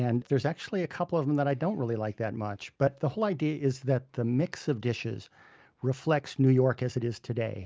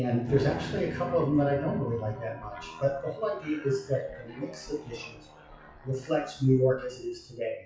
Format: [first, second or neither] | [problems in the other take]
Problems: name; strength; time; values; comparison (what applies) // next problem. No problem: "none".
first | noise reduction (classical method WPE with log-MMSE)